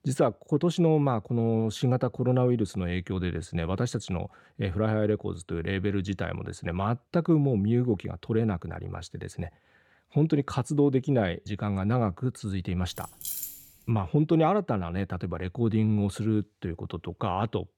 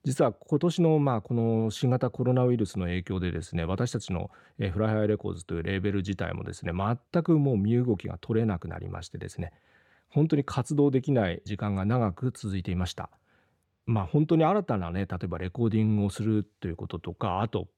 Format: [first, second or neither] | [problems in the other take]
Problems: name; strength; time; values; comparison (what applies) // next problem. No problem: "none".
second | jangling keys; noticeable; at 13 s; peak 5 dB below the speech